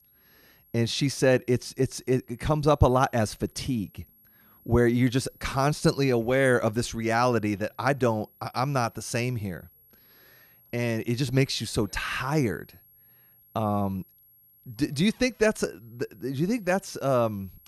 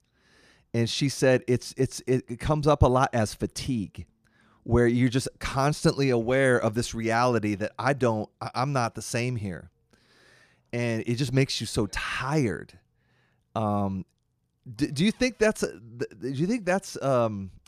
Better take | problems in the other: second | high-pitched whine; faint; throughout; 11.5 kHz, 30 dB below the speech

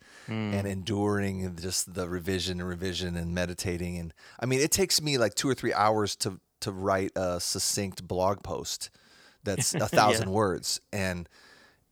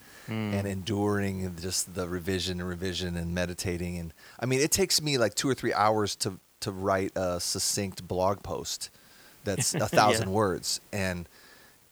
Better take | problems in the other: first | hiss; faint; throughout; 25 dB below the speech

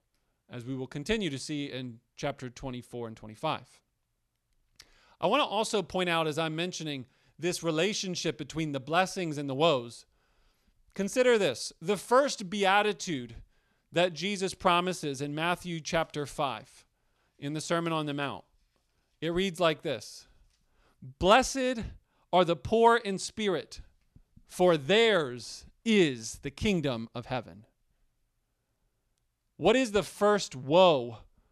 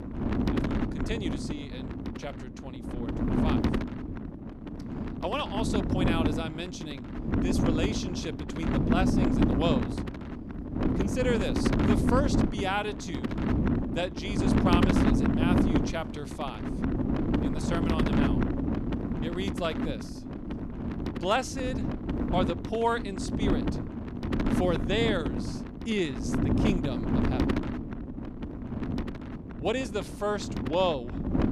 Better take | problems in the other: first | wind noise on the microphone; heavy; 2 dB below the speech

